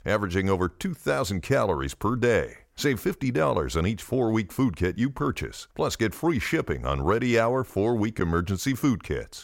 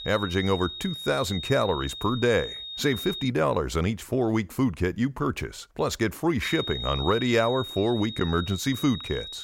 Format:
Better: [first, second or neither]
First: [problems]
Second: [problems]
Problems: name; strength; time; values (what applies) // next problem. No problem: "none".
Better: first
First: none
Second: high-pitched whine; loud; until 3.5 s and from 6.5 s on; 3.5 kHz, 8 dB below the speech